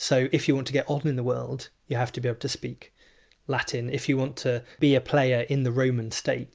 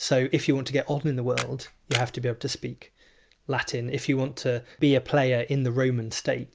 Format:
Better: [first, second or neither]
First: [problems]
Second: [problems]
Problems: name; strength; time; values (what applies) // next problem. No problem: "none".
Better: first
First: none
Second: background sound (Camera); 10 dB below the speech